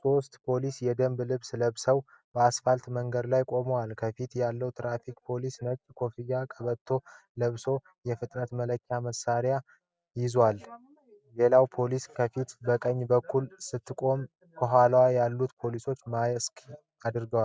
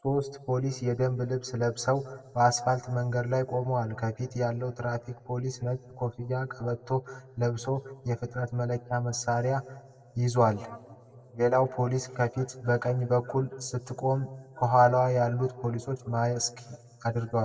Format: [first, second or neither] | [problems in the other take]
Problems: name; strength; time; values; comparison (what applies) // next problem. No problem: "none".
first | room echo; dies away in 1 s